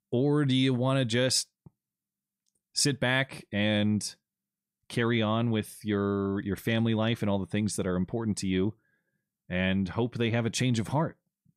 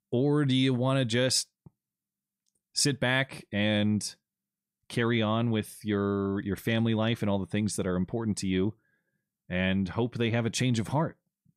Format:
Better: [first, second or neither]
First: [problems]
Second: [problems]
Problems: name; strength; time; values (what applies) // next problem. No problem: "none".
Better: neither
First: none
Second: none